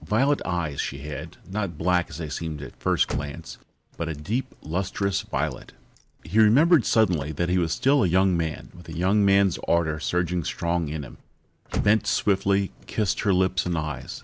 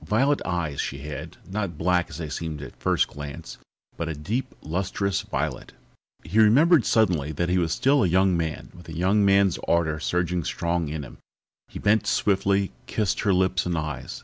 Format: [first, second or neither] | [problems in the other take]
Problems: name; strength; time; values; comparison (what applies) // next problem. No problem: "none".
second | background sound (Slam / Car); 17 dB below the speech